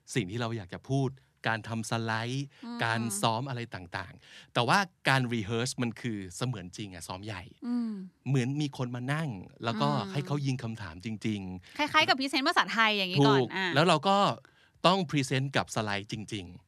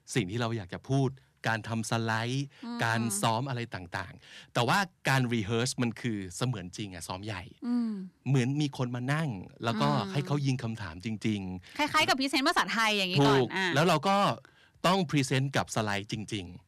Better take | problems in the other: first | distortion; slight; 2% of the sound clipped

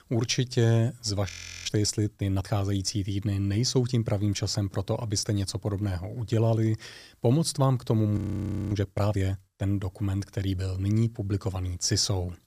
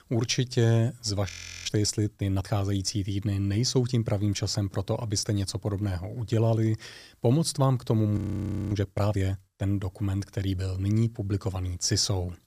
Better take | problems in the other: neither | audio freezing; at 1.5 s and at 8 s for 0.5 s; the same in both

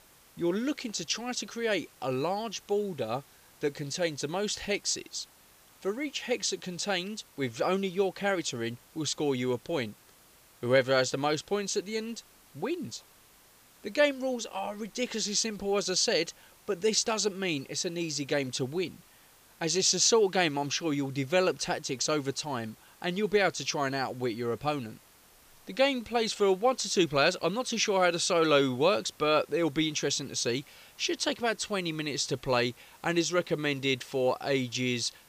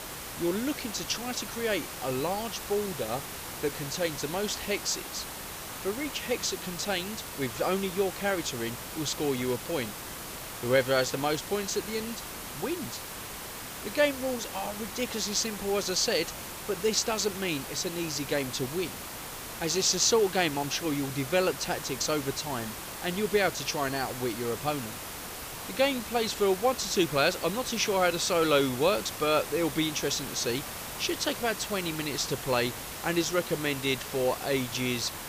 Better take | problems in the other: first | hiss; loud; throughout; 8 dB below the speech; faint in the first

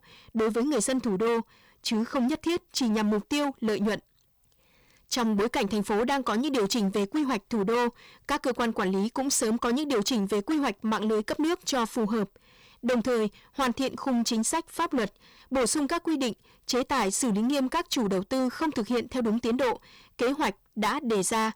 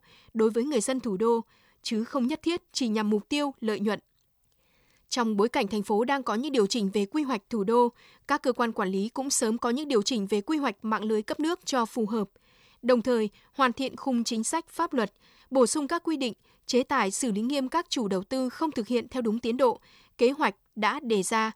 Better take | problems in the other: second | distortion; heavy; 19% of the sound clipped

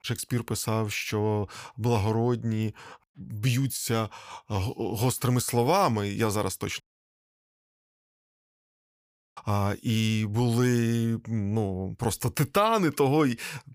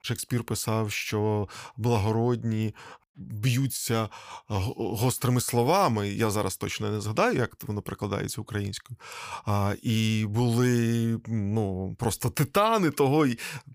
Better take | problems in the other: second | audio cutting out; at 7 s for 2.5 s

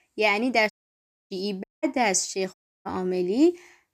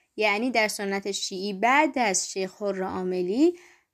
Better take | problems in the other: second | audio cutting out; at 0.5 s for 0.5 s, at 1.5 s and at 2.5 s

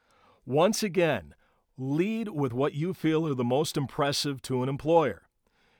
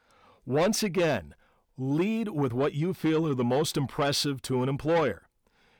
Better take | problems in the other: first | distortion; slight; 10 dB below the speech

